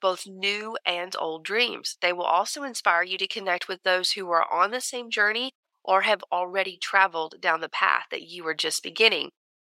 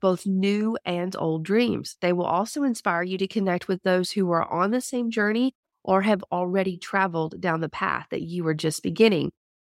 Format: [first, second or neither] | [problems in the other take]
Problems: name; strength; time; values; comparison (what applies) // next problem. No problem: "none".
second | thin; very; fading below 700 Hz